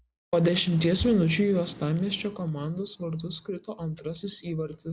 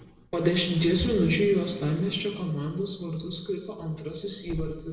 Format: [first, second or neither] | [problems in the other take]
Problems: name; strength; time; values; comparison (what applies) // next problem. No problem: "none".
first | background sound (Growling / Hiss); 19 dB below the speech // room echo; dies away in 1 s